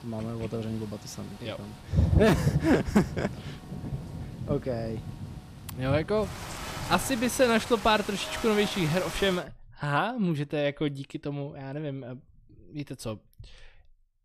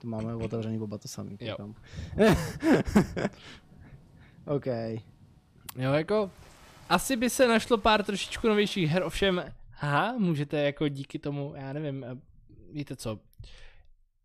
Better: second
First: rain or running water; loud; until 9.5 s; 5 dB below the speech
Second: rain or running water; faint; until 9.5 s; 25 dB below the speech

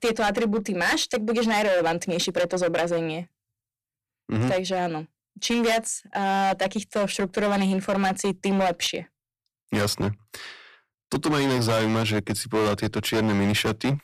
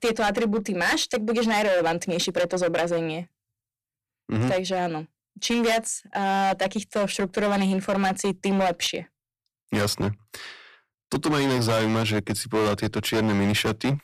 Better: neither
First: distortion; heavy; 16% of the sound clipped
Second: distortion; heavy; 16% of the sound clipped

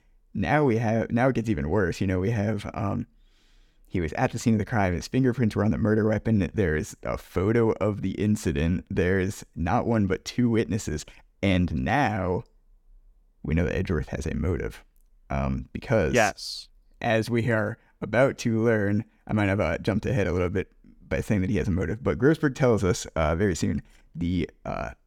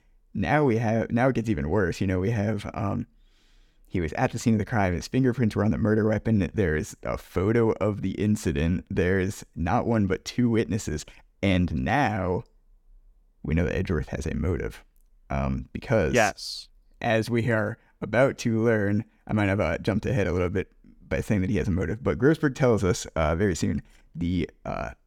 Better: neither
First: none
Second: none

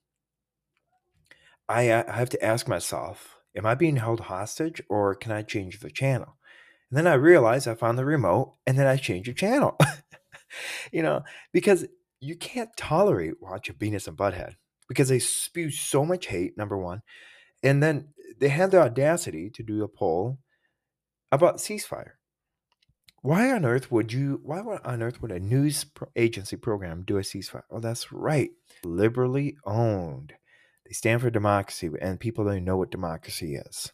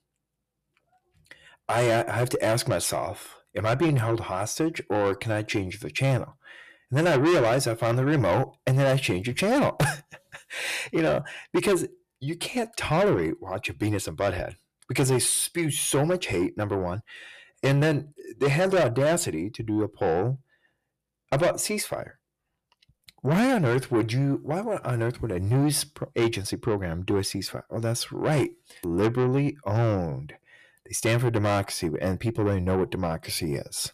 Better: first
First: none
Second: distortion; heavy; 7 dB below the speech

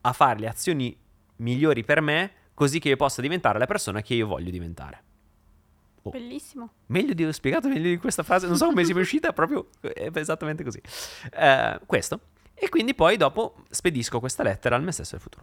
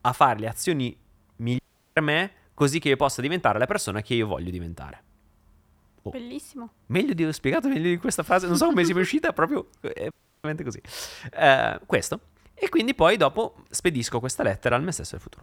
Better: first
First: none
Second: audio cutting out; at 1.5 s and at 10 s

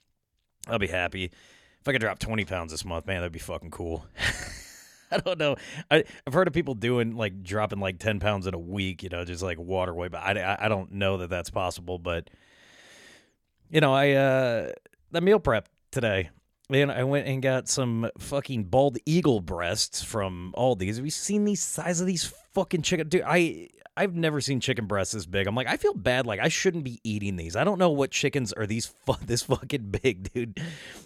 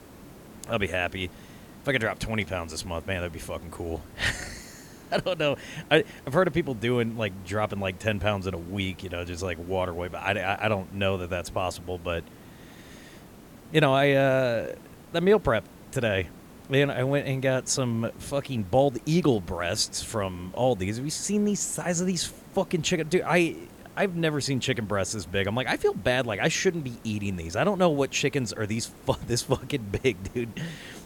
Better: first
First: none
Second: hiss; faint; throughout; 20 dB below the speech

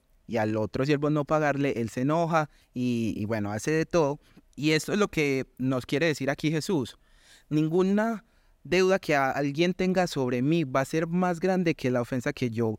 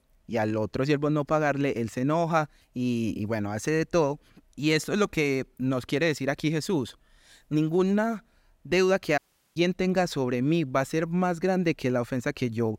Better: first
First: none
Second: audio cutting out; at 9 s

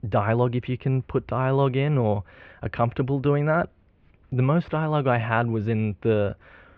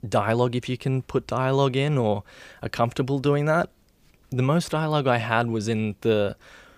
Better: second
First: muffled; very; fading above 2.5 kHz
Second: none

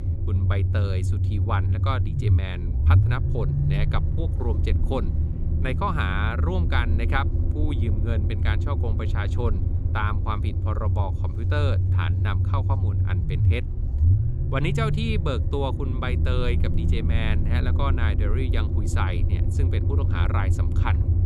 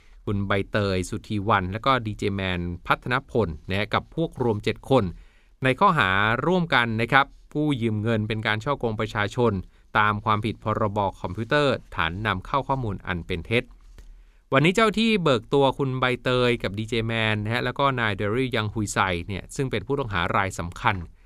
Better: second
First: low rumble; loud; throughout; 7 dB below the speech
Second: none

